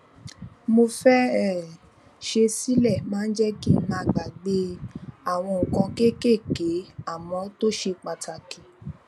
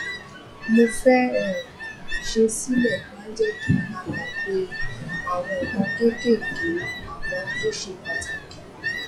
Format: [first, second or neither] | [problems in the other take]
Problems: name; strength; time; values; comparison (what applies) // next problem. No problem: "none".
first | noise reduction (classical method log-MMSE)